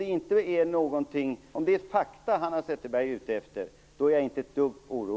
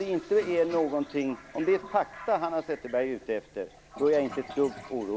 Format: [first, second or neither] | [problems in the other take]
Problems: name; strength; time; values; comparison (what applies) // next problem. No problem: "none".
first | background sound (Toilet flush); 18 dB below the speech